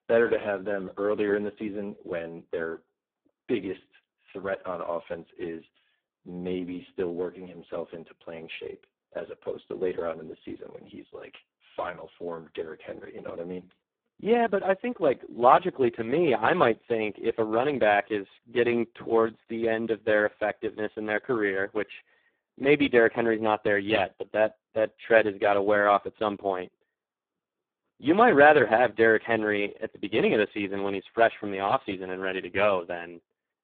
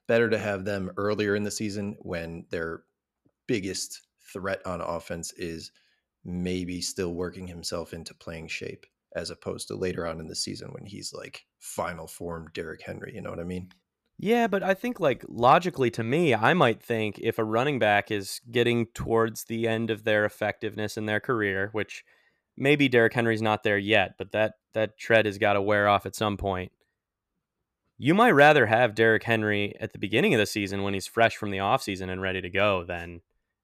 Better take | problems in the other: second | phone-call audio; poor line

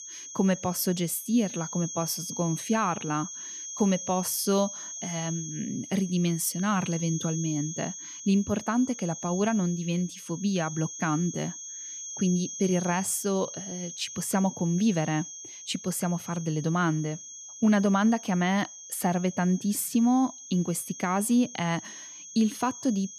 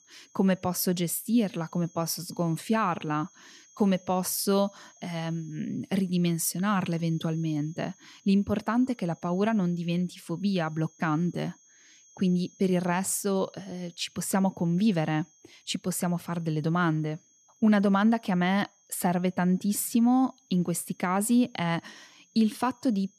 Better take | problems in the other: second | high-pitched whine; loud; throughout; 6.5 kHz, 10 dB below the speech; faint in the second

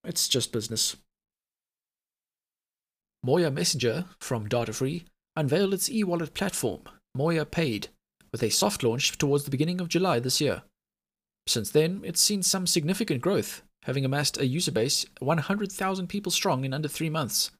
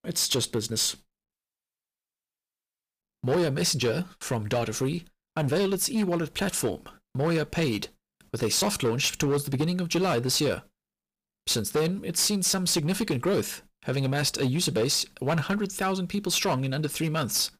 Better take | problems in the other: first | distortion; slight; 9% of the sound clipped

